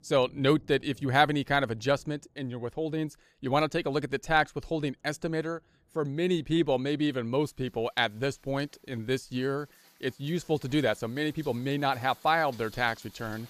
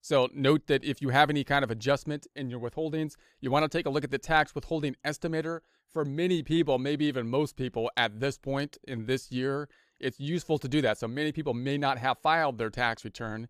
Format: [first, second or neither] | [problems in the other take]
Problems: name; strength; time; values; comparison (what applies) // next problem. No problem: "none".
second | rain or running water; faint; throughout; 25 dB below the speech